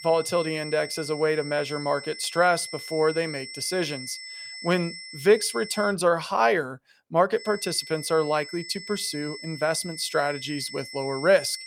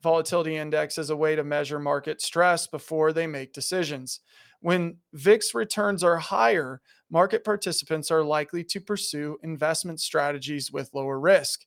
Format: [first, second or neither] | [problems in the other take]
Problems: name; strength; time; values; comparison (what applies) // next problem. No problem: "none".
second | high-pitched whine; noticeable; until 6 s and from 7.5 s on; 2 kHz, 10 dB below the speech